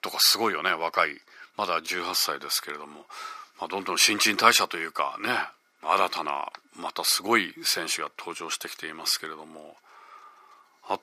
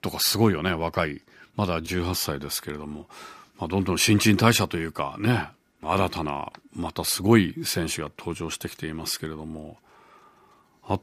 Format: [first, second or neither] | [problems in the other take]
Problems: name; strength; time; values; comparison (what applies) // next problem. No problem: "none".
second | thin; very; fading below 500 Hz